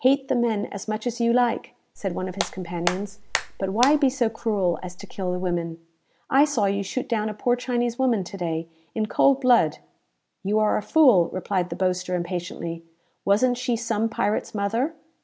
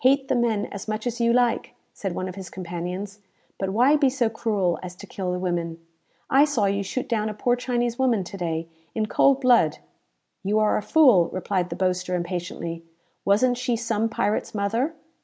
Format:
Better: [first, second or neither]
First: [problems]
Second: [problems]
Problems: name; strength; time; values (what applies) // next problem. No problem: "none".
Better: second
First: background sound (Hands); 9 dB below the speech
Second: none